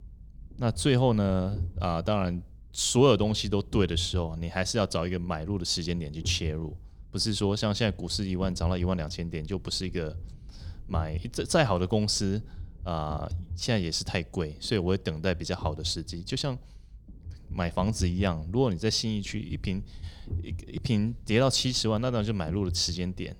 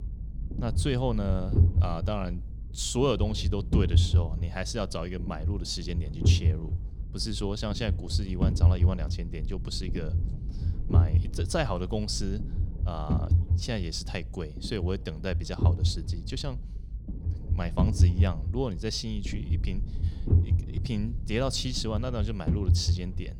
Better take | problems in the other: first | low rumble; loud; throughout; 8 dB below the speech; faint in the first

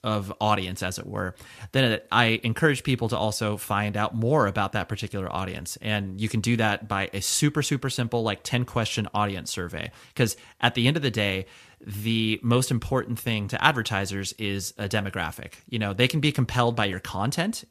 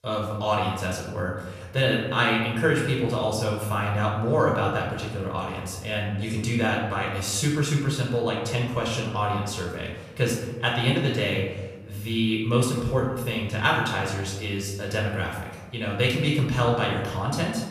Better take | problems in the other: first | off-mic speech; far // room echo; noticeable; dies away in 1.1 s

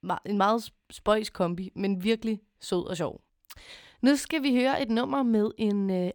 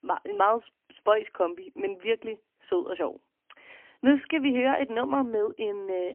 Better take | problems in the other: first | phone-call audio; poor line; nothing above 3 kHz

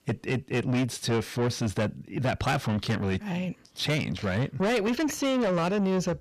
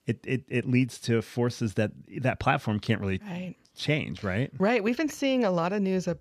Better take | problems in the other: second | distortion; heavy; 7 dB below the speech

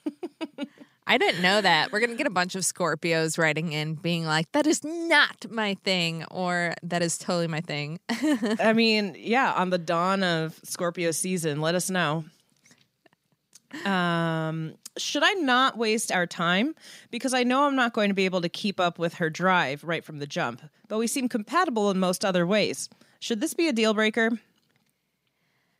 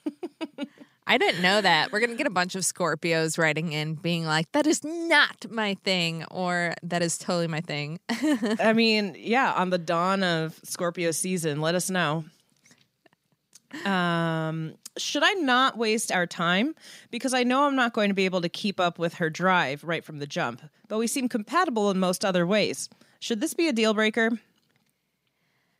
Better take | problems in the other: neither | none

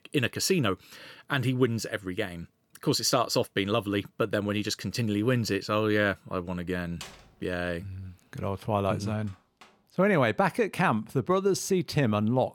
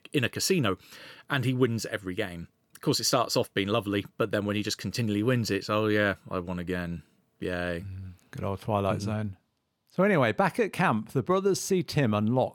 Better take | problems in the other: second | door banging; faint; from 7 to 9.5 s; peak 15 dB below the speech

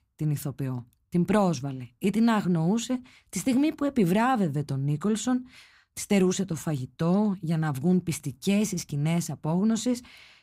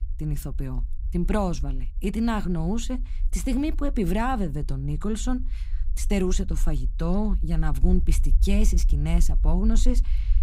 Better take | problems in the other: first | low rumble; faint; throughout; 20 dB below the speech

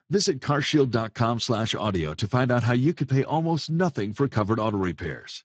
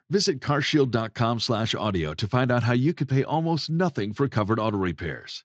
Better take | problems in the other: second | garbled, watery; badly; nothing above 7.5 kHz; slightly in the second

